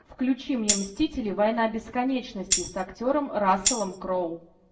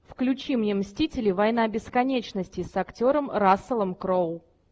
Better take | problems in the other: second | background sound (Tambourine); 1 dB below the speech // room echo; dies away in 0.5 s

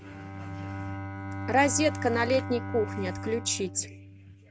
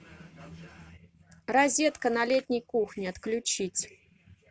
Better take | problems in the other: second | background sound (Bowed string instrument); 7 dB below the speech

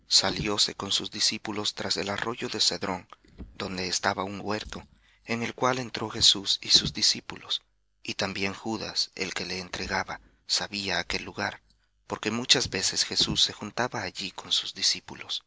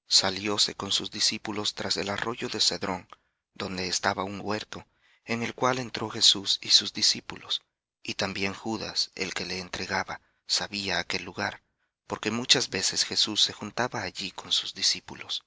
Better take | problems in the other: second | background sound (Drawer open or close); 18 dB below the speech

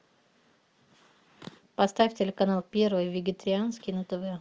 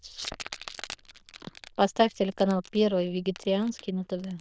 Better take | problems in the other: first | noise reduction (neural diffusion model UNIVERSE++)

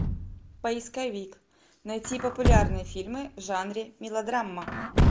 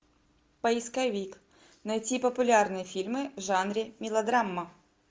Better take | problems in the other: second | background sound (Truck); 4 dB above the speech

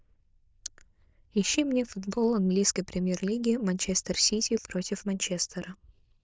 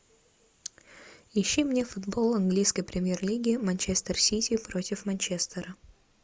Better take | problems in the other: second | noise reduction (neural diffusion model UNIVERSE++)

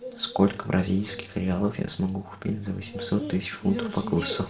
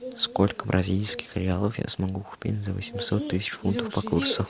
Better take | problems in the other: second | room echo; dies away in 0.5 s

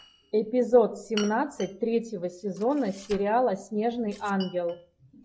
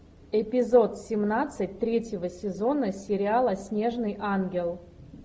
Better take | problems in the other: second | noise reduction (classical method log-MMSE)

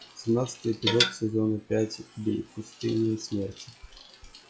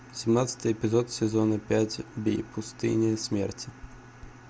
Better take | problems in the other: second | noise reduction (classical method log-MMSE)

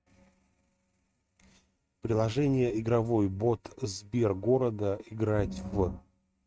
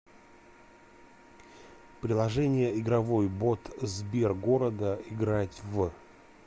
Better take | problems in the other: second | noise reduction (neural mask model RNNoise)

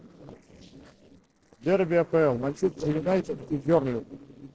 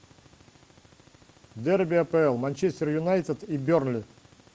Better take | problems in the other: second | noise reduction (neural separator model SepFormer DNS4)

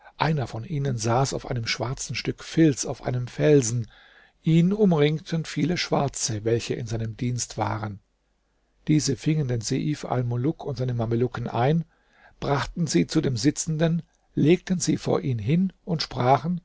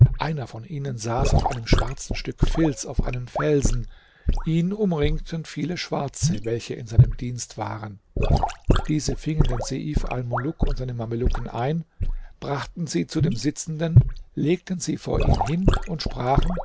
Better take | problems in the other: first | background sound (Sink (filling or washing) / Gurgling / Liquid); 3 dB above the speech

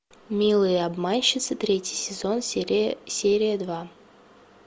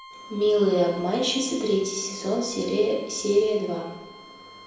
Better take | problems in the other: first | background sound (Bowed string instrument); 20 dB below the speech // room echo; dies away in 0.9 s

